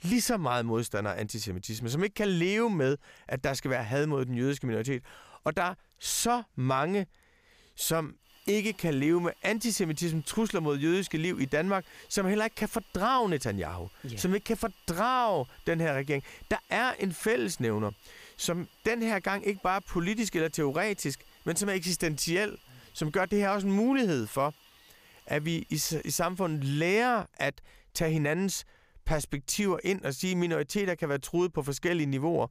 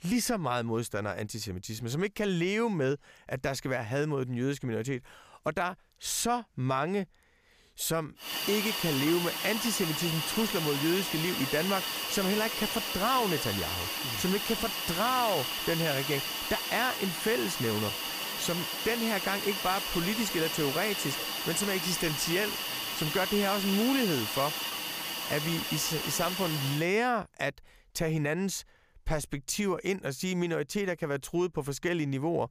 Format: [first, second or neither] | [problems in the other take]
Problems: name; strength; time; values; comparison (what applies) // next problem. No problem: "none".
first | hiss; loud; from 8.5 to 27 s; 1 dB below the speech; faint in the first